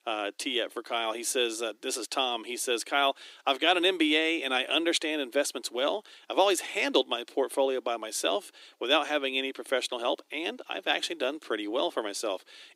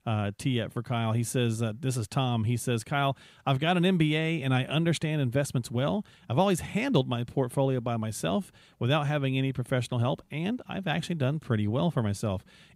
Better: second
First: thin; very; fading below 300 Hz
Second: none

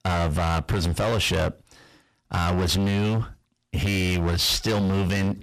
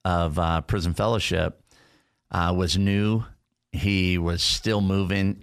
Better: second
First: distortion; heavy; 27% of the sound clipped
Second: none

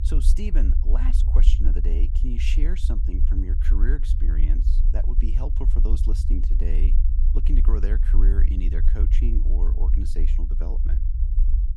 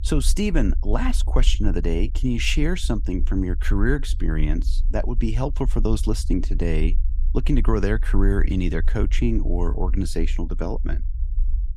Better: second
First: low rumble; loud; throughout; 5 dB below the speech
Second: low rumble; faint; throughout; 20 dB below the speech

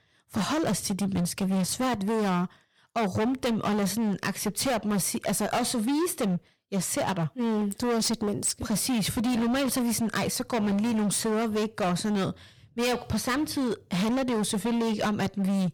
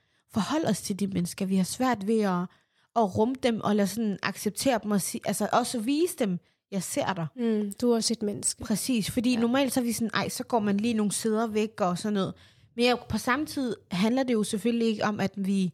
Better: second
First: distortion; heavy; 27% of the sound clipped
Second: none

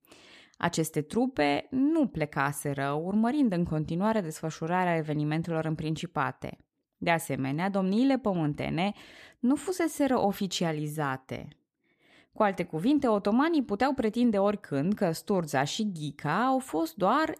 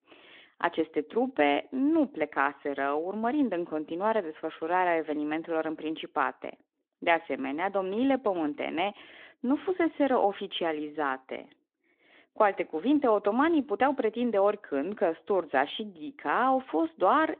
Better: first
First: none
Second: phone-call audio

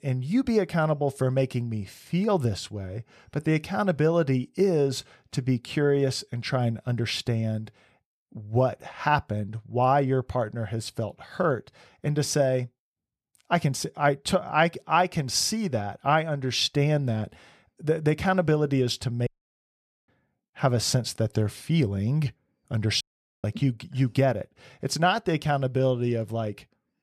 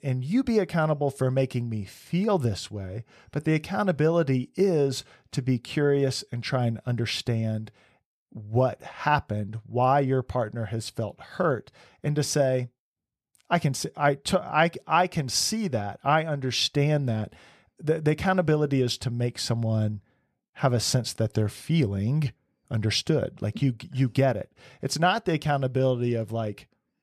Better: second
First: audio cutting out; at 19 s for 1 s and at 23 s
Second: none

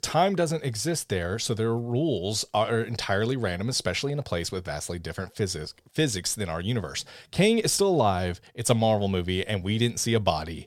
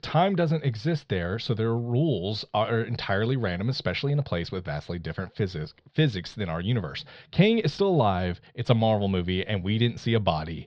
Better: first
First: none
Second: muffled; slightly; fading above 4 kHz

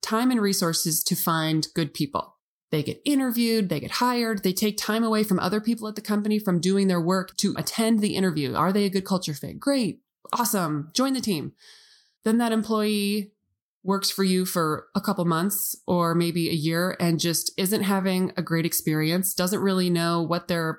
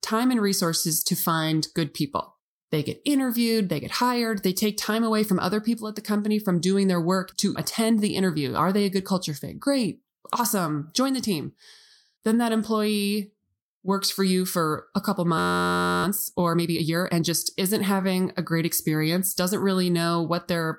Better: first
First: none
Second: audio freezing; at 15 s for 0.5 s

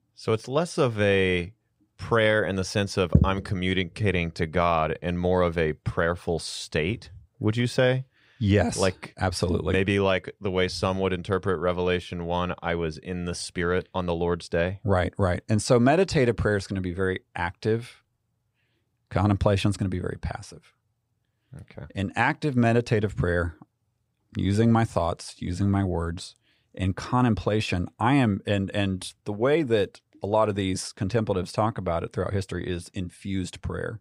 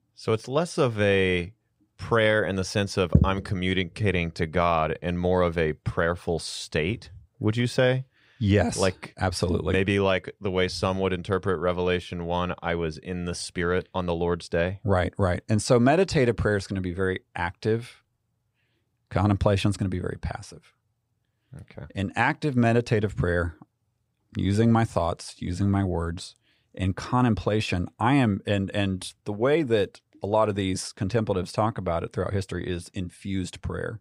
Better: neither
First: none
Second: none

